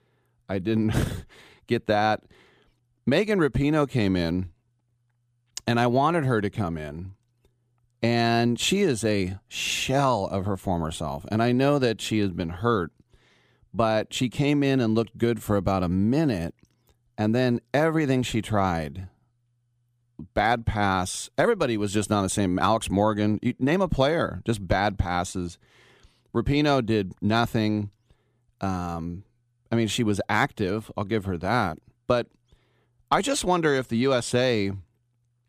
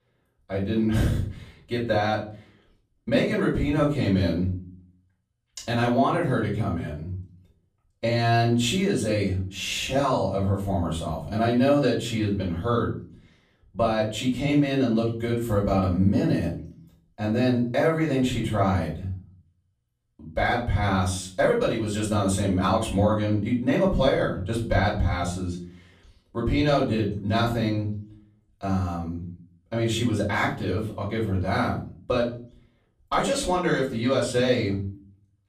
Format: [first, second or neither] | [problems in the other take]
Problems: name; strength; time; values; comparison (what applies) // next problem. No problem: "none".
first | room echo; slight; dies away in 0.4 s // off-mic speech; far